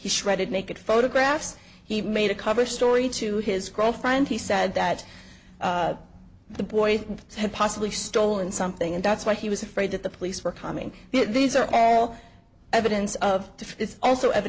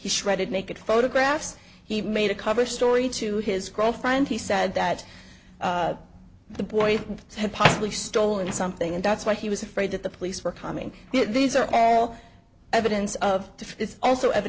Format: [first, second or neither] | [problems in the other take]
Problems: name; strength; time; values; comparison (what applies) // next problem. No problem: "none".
first | background sound (Microwave oven); 12 dB below the speech